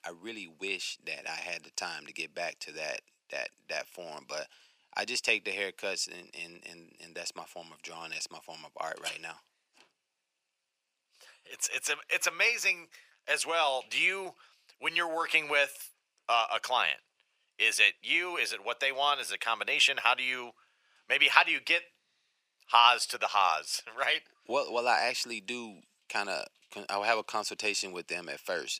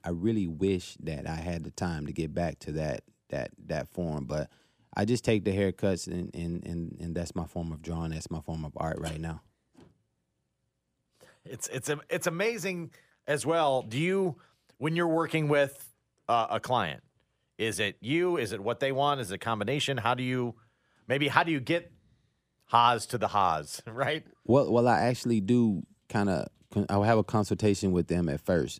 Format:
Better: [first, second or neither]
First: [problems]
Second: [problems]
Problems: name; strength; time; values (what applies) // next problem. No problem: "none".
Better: second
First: thin; very; fading below 800 Hz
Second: none